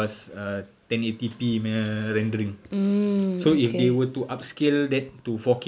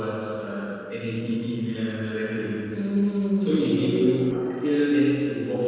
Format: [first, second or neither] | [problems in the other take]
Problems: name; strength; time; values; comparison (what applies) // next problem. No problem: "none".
first | noise reduction (neural separator model SepFormer DNS4)